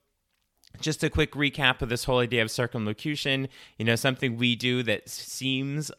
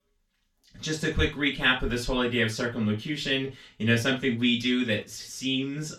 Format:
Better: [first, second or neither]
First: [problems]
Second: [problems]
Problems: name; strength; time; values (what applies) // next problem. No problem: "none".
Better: first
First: none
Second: room echo; slight; dies away in 0.2 s // off-mic speech; far